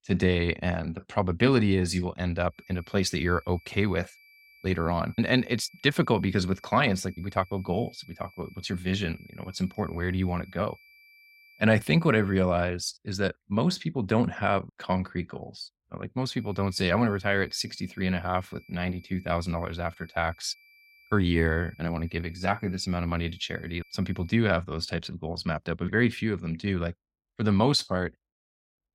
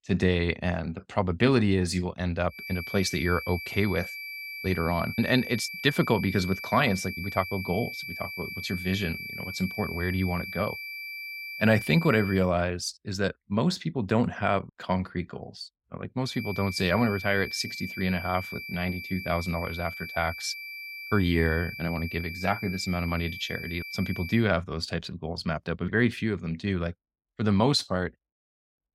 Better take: first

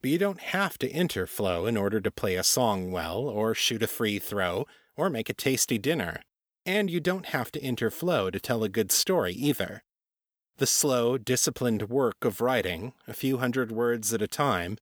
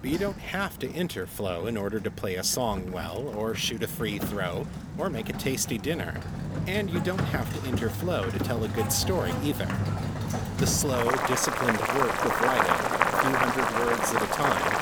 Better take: first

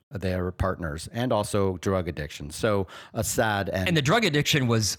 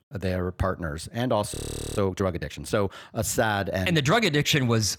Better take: first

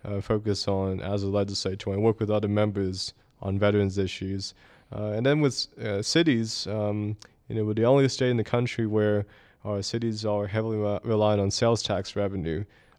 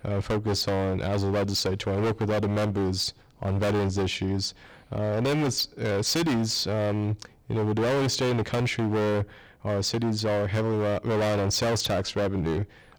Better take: first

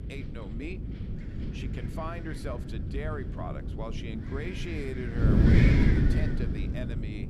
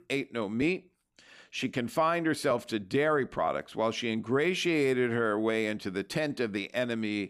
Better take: second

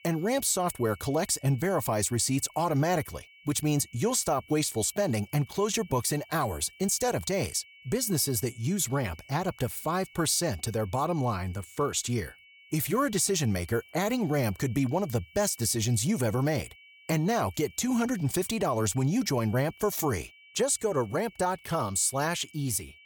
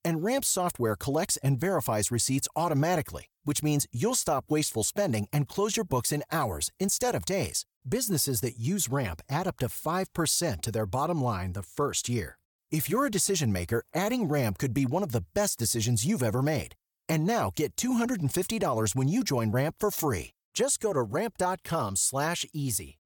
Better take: second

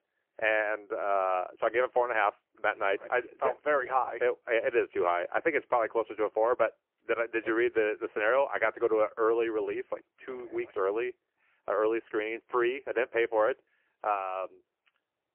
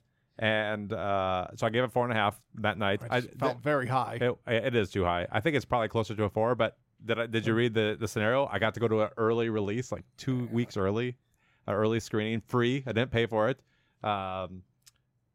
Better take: second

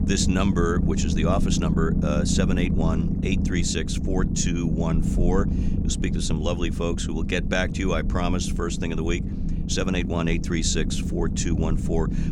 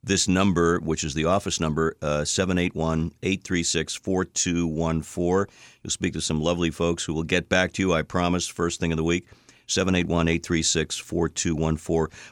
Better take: second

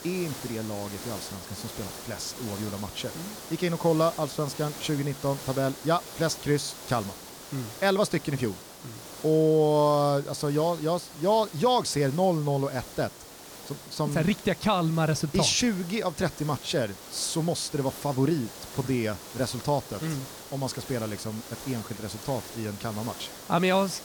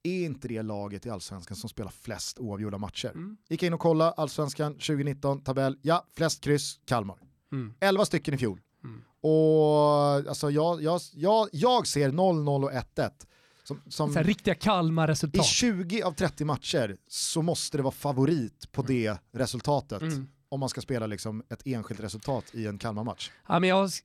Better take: second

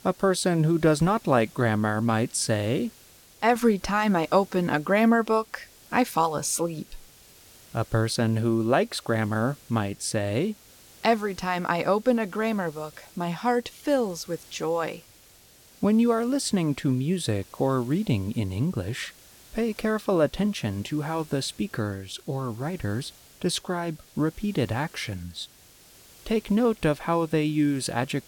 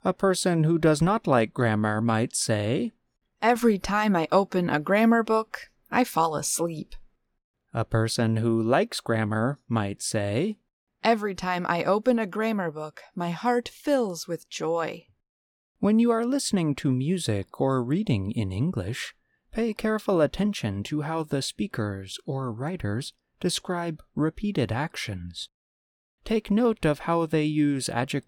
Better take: second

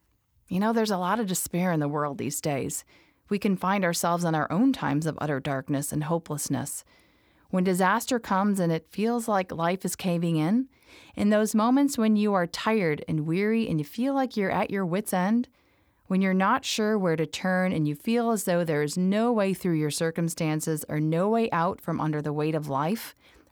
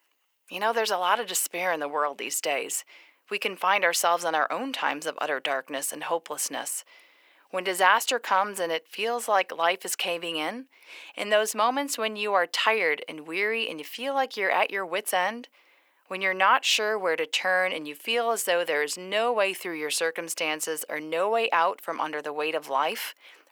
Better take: first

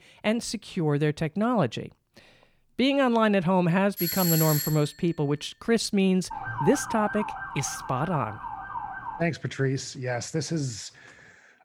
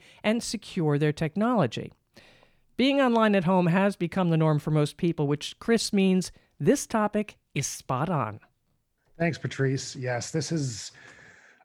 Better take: second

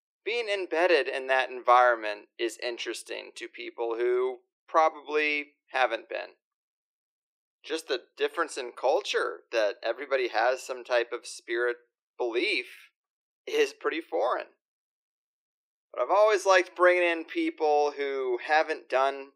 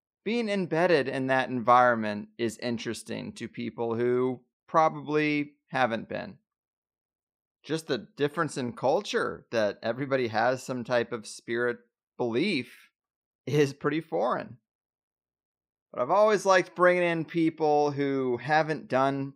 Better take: second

